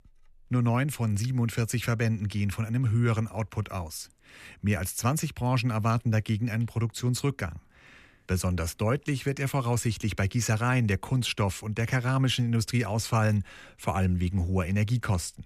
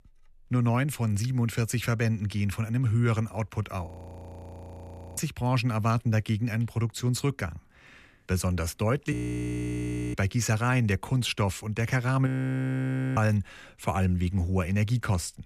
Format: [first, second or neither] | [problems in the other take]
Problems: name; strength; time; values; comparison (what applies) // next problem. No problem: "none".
first | audio freezing; at 4 s for 1.5 s, at 9 s for 1 s and at 12 s for 1 s